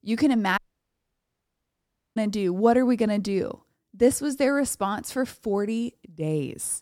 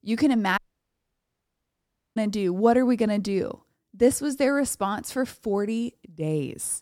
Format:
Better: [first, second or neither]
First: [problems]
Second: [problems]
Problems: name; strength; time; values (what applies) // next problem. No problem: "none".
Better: neither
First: audio cutting out; at 0.5 s for 1.5 s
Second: audio cutting out; at 0.5 s for 1.5 s